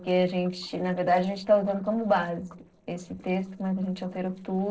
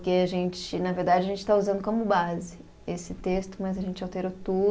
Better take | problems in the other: second | noise reduction (neural separator model SepFormer DNS4)

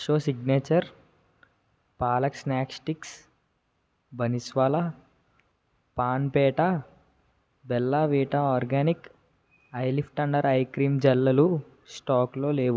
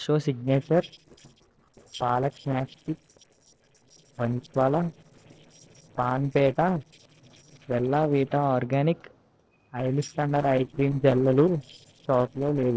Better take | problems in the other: first | noise reduction (neural separator model SepFormer DNS4)

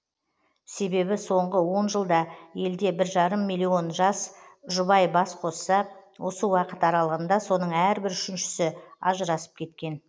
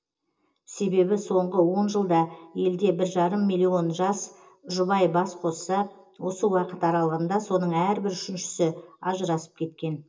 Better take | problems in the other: first | room echo; dies away in 0.2 s

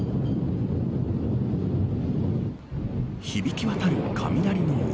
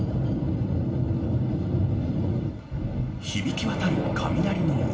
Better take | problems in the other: first | room echo; dies away in 0.6 s

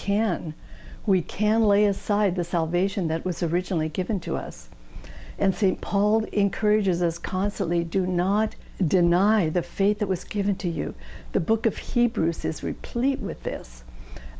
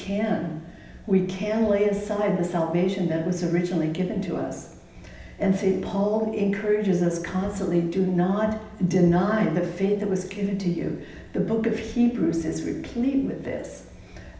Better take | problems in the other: first | room echo; dies away in 0.9 s

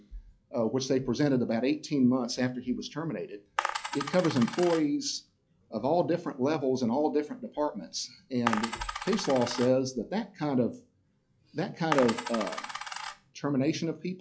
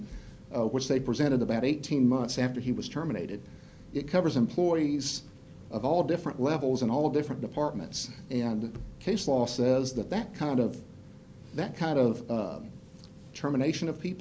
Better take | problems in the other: second | noise reduction (classical method log-MMSE)

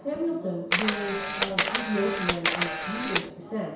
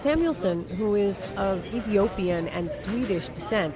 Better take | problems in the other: second | background sound (Camera); 2 dB above the speech // room echo; dies away in 0.7 s

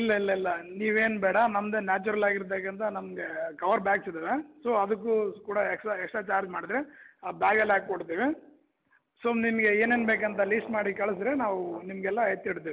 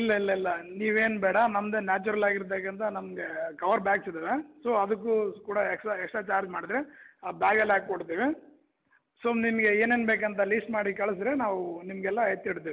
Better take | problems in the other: second | background sound (Brass instrument); 17 dB below the speech

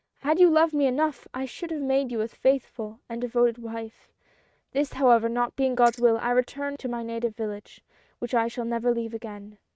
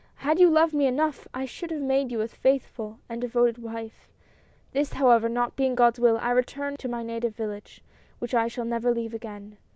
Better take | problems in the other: second | noise reduction (neural mask model RNNoise)

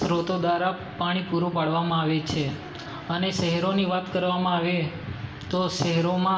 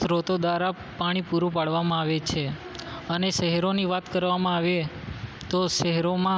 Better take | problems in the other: second | room echo; dies away in 0.8 s

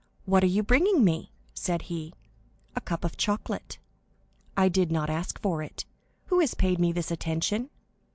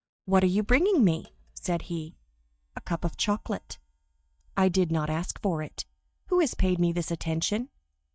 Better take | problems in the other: first | noise reduction (neural mask model DeepFilterNet 3)

